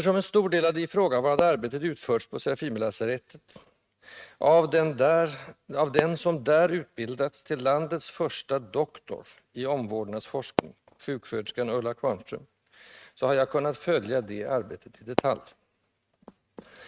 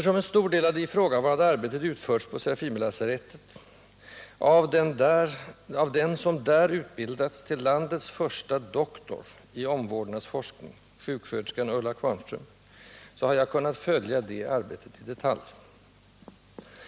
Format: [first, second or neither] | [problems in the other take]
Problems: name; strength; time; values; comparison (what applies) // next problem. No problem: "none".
second | noise reduction (neural mask model RNNoise)